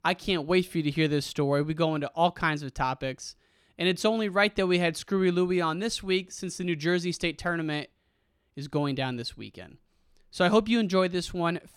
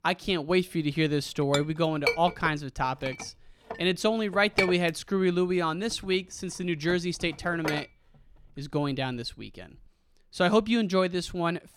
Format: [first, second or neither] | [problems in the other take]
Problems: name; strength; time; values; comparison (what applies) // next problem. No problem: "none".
first | clattering dishes; noticeable; from 1.5 to 8 s; peak 1 dB below the speech